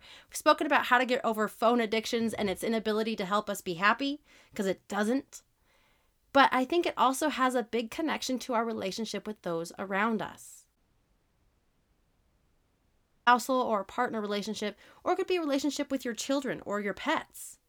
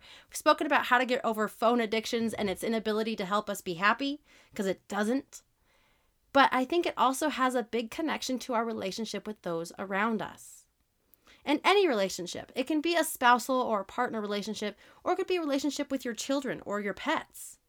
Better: second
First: audio cutting out; at 11 s for 2.5 s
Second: none

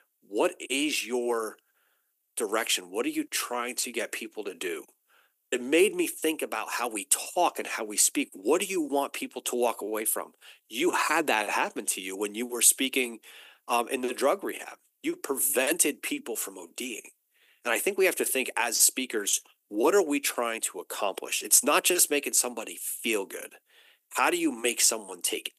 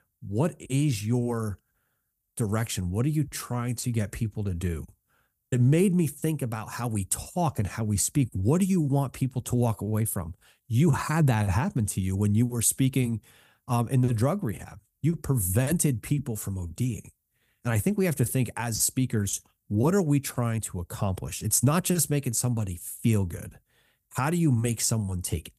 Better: second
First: thin; very; fading below 300 Hz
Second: none

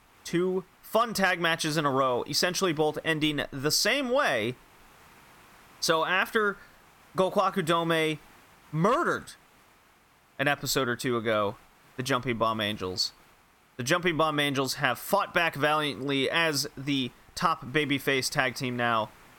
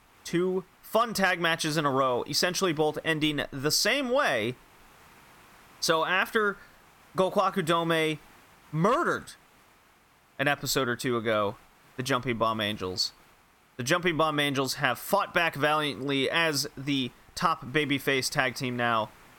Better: neither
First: hiss; faint; throughout; 30 dB below the speech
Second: hiss; faint; throughout; 30 dB below the speech

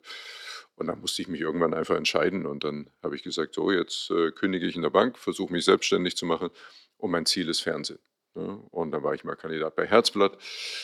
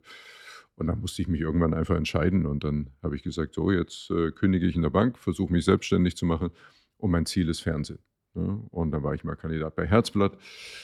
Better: second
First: thin; somewhat; fading below 400 Hz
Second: none

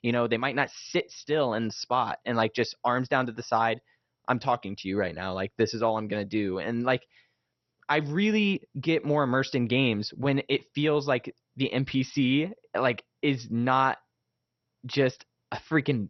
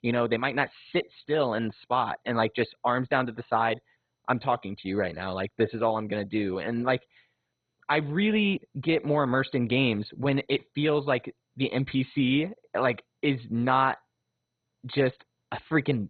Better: first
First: garbled, watery; slightly; nothing above 6 kHz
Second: garbled, watery; badly; nothing above 4 kHz

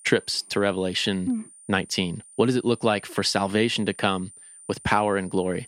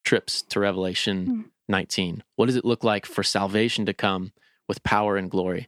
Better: second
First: high-pitched whine; faint; throughout; 9 kHz, 20 dB below the speech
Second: none

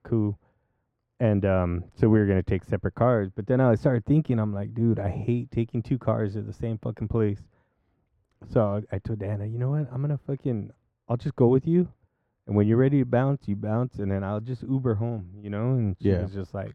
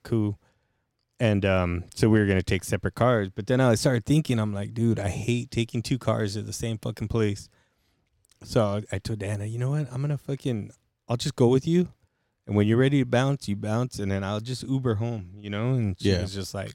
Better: second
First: muffled; very; fading above 3 kHz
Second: none

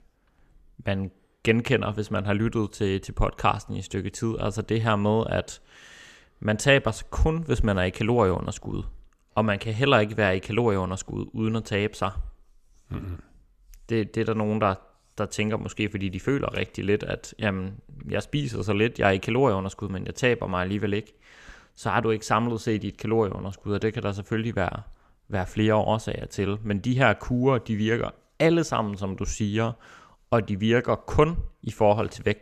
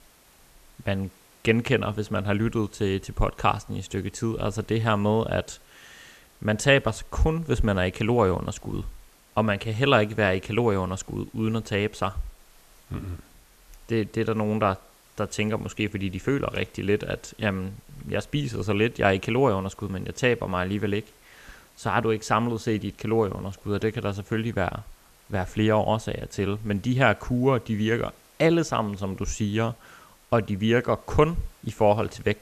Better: first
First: none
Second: hiss; faint; throughout; 30 dB below the speech

